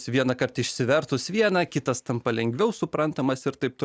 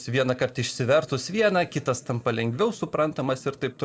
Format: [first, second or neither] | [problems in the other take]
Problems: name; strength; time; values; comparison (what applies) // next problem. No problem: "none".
first | room echo; dies away in 0.9 s